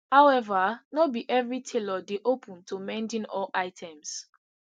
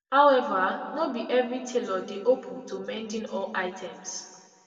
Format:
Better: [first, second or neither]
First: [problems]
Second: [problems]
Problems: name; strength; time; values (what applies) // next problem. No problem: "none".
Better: first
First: none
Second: room echo; dies away in 1.8 s